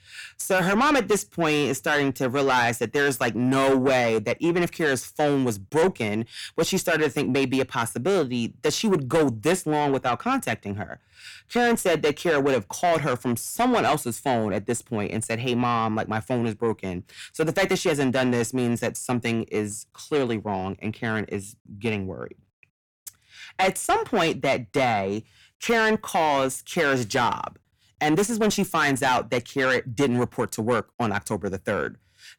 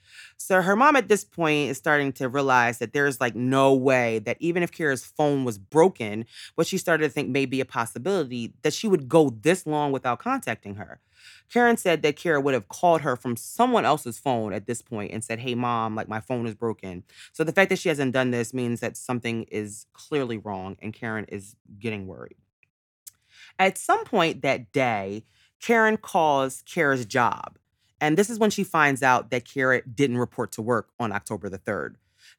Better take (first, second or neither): second